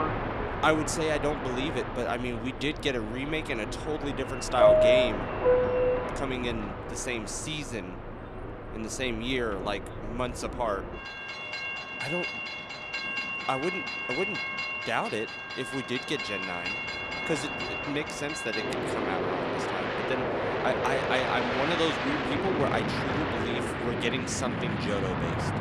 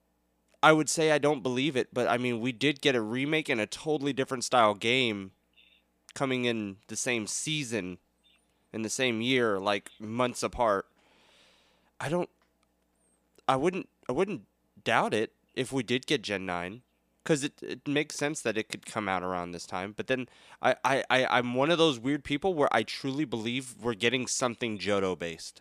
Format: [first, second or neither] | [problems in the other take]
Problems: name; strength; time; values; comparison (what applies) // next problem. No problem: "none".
second | train or aircraft noise; very loud; throughout; 1 dB above the speech